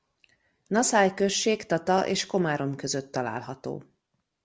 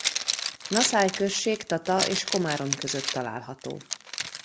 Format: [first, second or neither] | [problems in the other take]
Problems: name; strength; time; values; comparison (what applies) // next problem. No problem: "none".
first | background sound (Zipper (clothing)); 3 dB below the speech